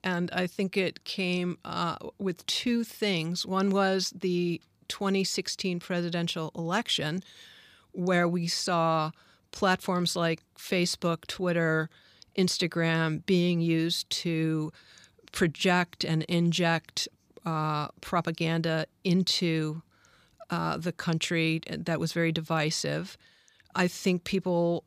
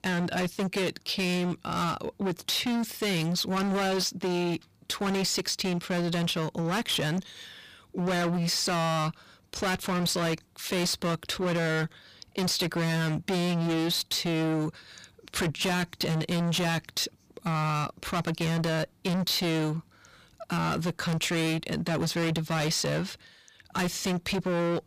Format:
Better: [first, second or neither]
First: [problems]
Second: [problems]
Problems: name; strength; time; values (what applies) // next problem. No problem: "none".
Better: first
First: none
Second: distortion; heavy; 31% of the sound clipped